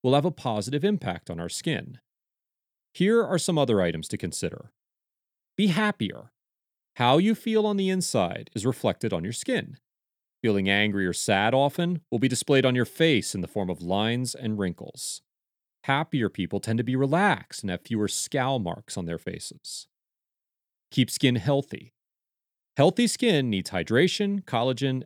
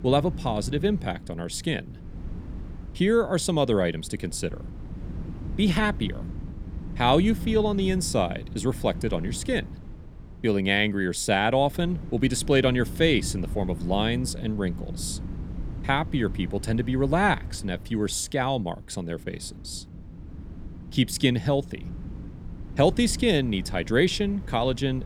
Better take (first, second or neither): first